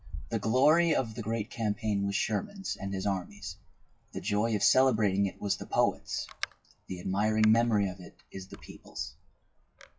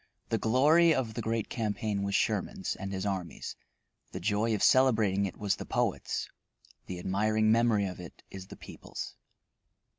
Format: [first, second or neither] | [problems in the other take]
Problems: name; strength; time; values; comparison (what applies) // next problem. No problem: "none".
second | noise reduction (classical method WPE with log-MMSE)